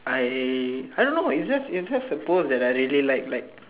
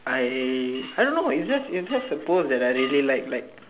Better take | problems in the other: first | background sound (Glass); 18 dB below the speech

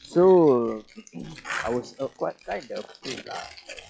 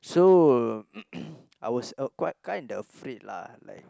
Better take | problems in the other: second | noise reduction (classical method log-MMSE)

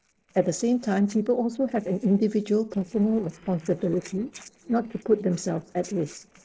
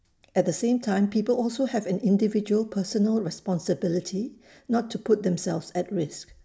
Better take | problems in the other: second | noise reduction (neural separator model SepFormer DNS4)

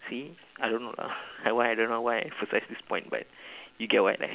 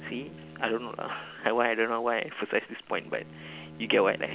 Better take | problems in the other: first | background sound (Bowed string instrument); 18 dB below the speech

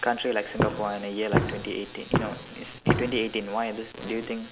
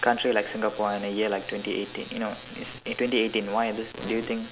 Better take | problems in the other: second | background sound (Walk, footsteps); 1 dB above the speech

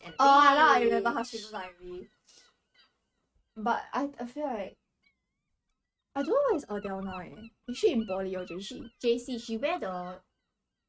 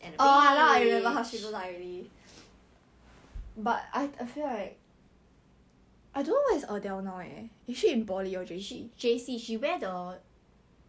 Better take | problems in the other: second | noise reduction (neural mask model RNNoise)

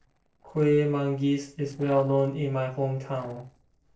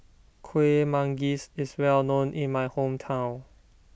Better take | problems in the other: second | noise reduction (neural separator model SepFormer DNS4)

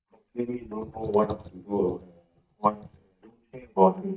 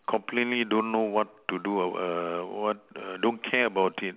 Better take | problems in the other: second | noise reduction (neural mask model DeepFilterNet 3)

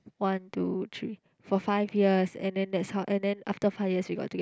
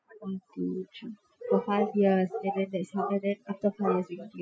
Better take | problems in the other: first | noise reduction (classical method Wiener filter)

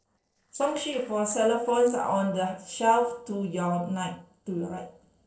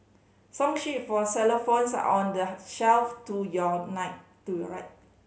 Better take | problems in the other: second | noise reduction (neural separator model SepFormer DNS4)

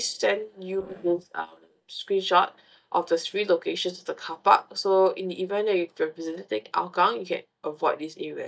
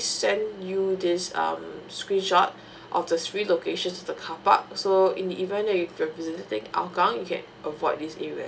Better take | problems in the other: second | noise reduction (neural mask model DeepFilterNet 3)

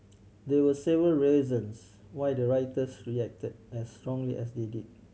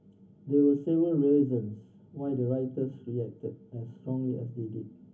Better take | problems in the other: first | room echo; dies away in 0.3 s

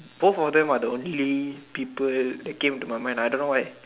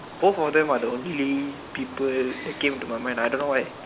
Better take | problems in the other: first | background sound (Wild animals); 14 dB below the speech

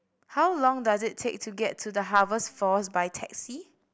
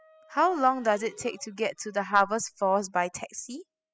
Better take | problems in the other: first | noise reduction (classical method spectral subtraction)

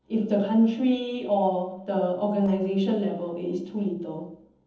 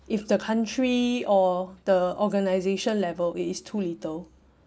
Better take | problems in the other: second | noise reduction (neural separator model SepFormer DNS4)

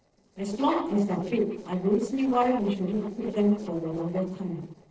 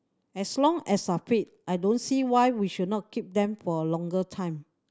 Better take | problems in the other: second | noise reduction (neural separator model SepFormer DNS4)

